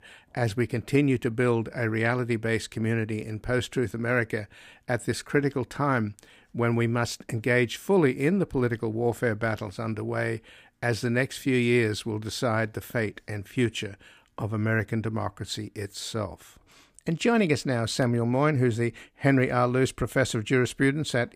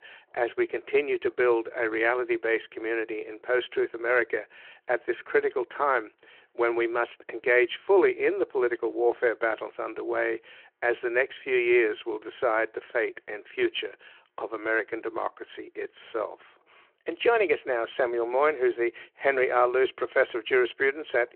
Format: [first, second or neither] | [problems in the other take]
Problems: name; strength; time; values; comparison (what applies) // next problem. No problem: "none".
first | phone-call audio